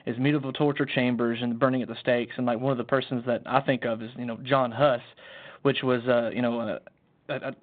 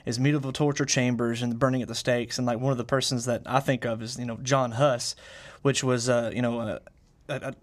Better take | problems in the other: second | phone-call audio; nothing above 3.5 kHz

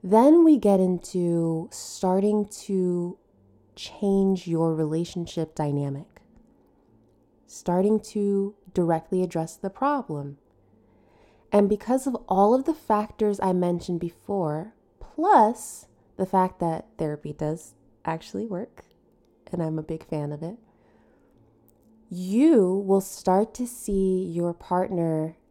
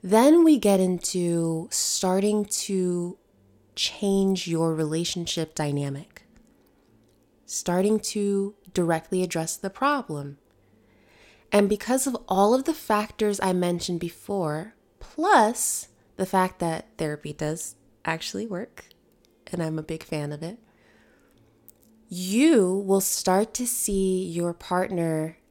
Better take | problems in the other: second | muffled; slightly; fading above 1 kHz

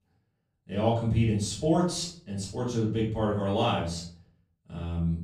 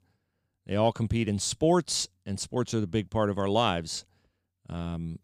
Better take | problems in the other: second | off-mic speech; far // room echo; noticeable; dies away in 0.5 s

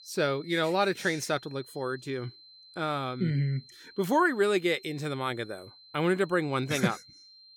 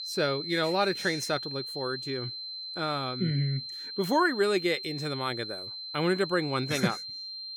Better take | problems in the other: first | high-pitched whine; loud; throughout; 4 kHz, 6 dB below the speech; faint in the first

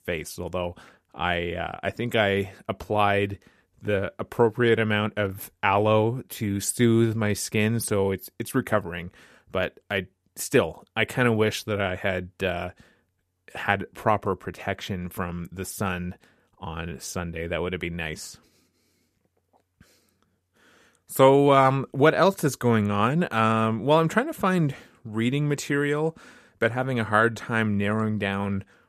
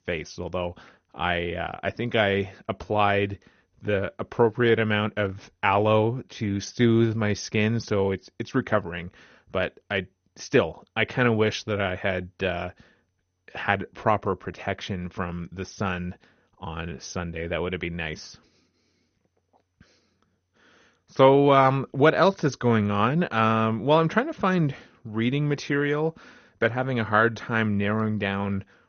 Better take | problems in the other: first | garbled, watery; slightly; nothing above 6.5 kHz

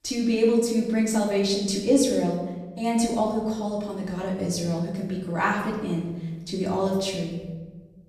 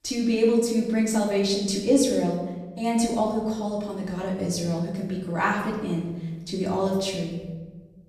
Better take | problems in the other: neither | off-mic speech; far; the same in both // room echo; noticeable; dies away in 1.2 s; the same in both

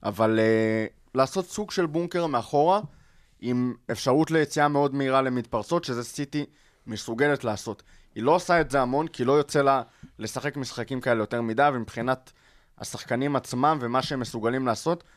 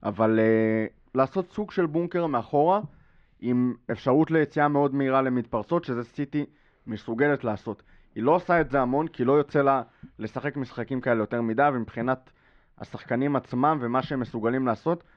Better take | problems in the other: first | muffled; very; fading above 2.5 kHz

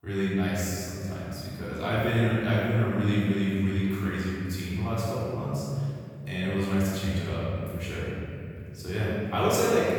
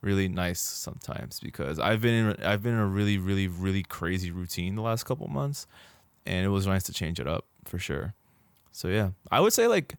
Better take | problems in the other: second | off-mic speech; far // room echo; strong; dies away in 2.6 s

